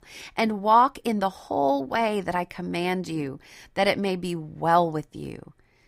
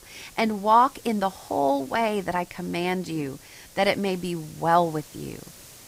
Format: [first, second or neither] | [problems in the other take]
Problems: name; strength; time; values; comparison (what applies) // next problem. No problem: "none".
first | hiss; faint; throughout; 20 dB below the speech